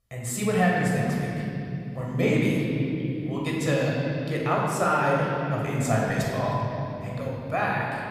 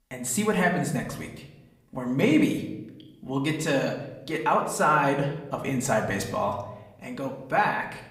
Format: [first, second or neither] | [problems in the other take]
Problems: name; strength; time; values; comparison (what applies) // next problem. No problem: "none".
second | room echo; strong; dies away in 3 s; slight in the second // off-mic speech; far; somewhat distant in the second